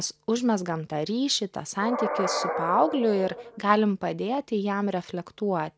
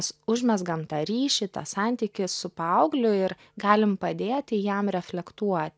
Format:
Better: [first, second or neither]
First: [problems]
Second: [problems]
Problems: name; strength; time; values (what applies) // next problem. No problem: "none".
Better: second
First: background sound (Animal); 9 dB below the speech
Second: none